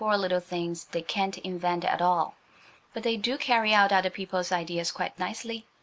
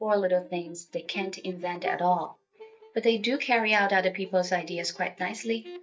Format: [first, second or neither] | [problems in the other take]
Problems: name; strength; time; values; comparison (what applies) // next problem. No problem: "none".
first | noise reduction (neural mask model DeepFilterNet 3)